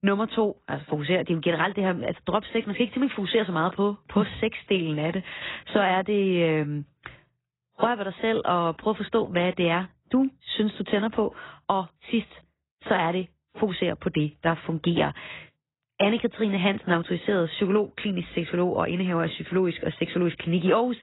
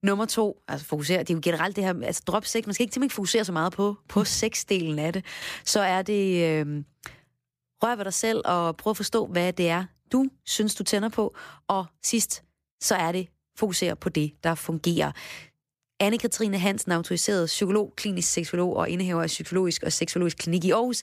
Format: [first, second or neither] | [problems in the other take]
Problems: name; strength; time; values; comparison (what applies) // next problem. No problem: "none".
second | garbled, watery; badly; nothing above 4 kHz